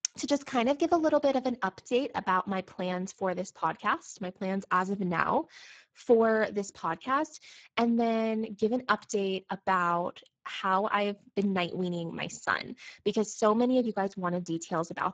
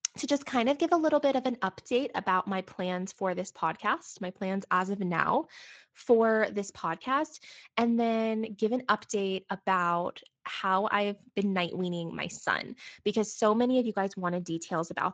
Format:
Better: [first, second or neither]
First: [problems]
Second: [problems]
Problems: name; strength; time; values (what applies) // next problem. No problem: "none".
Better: second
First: garbled, watery; badly; nothing above 7.5 kHz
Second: garbled, watery; slightly; nothing above 7.5 kHz